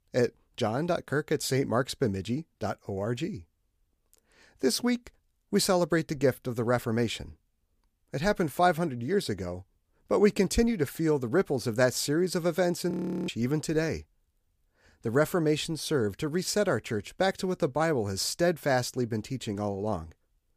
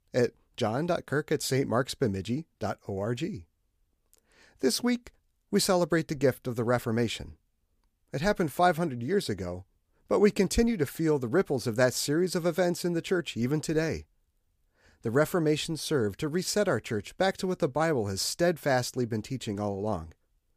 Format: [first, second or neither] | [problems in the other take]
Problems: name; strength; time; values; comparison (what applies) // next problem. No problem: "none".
second | audio freezing; at 13 s